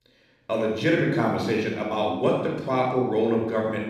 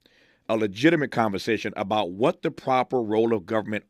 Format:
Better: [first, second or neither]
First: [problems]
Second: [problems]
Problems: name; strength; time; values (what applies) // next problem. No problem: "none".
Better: second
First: off-mic speech; somewhat distant // room echo; noticeable; dies away in 1.1 s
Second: none